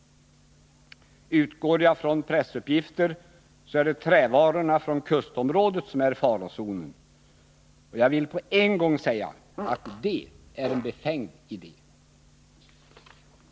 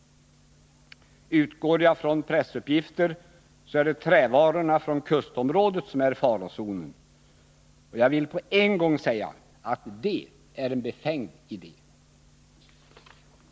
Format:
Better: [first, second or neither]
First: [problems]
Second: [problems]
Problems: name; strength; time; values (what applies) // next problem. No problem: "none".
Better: second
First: background sound (Fart); 13 dB below the speech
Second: none